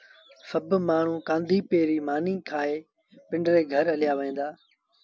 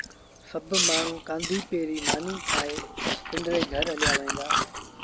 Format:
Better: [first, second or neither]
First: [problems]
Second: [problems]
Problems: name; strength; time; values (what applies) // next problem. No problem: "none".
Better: first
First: none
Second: background sound (Chewing, mastication); 3 dB above the speech